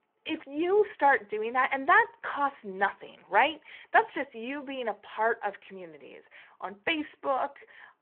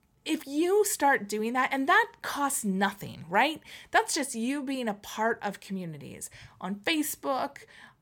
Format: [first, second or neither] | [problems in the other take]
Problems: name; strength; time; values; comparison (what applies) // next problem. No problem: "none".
second | phone-call audio